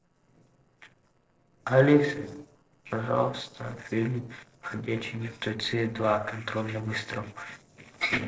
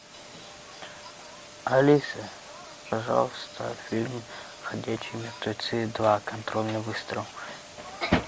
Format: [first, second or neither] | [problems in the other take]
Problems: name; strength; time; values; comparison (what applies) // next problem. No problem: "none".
second | noise reduction (neural separator model SepFormer DNS4)